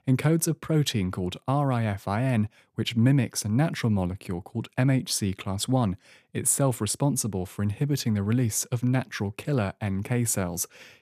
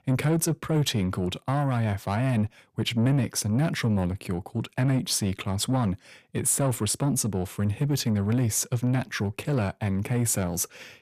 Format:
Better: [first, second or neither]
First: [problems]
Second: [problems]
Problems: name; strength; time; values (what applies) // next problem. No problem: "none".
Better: first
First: none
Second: distortion; slight; 10 dB below the speech